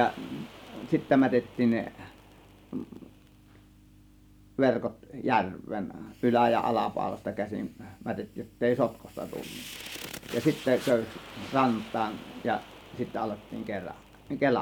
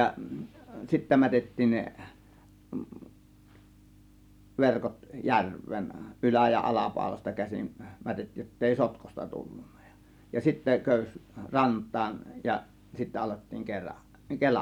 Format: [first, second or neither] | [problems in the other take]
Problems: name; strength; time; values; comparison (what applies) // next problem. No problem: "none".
second | background sound (Fire); 19 dB below the speech